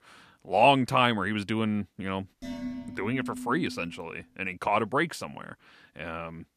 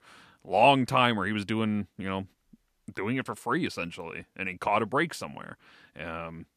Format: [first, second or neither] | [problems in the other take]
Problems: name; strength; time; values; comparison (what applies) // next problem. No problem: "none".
second | clattering dishes; noticeable; from 2.5 to 4 s; peak 9 dB below the speech